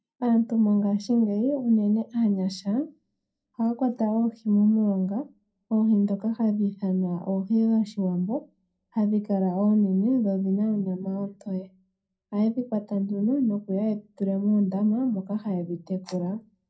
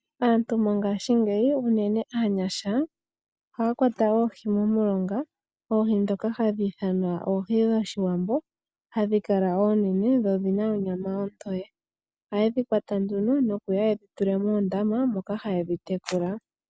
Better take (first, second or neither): second